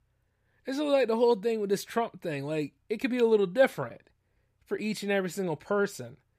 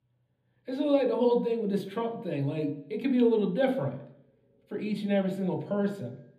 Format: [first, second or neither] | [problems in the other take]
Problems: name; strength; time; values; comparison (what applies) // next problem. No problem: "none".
first | room echo; slight; dies away in 0.7 s // off-mic speech; somewhat distant